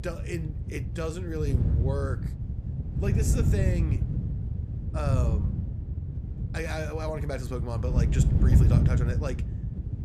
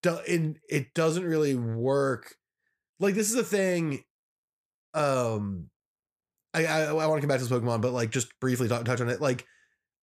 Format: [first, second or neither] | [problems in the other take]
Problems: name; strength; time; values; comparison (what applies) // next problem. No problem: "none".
second | wind noise on the microphone; heavy; 4 dB below the speech